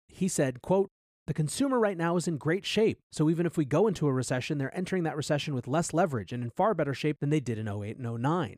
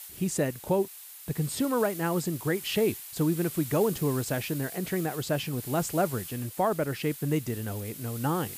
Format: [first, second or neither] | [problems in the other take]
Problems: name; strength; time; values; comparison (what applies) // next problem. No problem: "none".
first | hiss; noticeable; throughout; 10 dB below the speech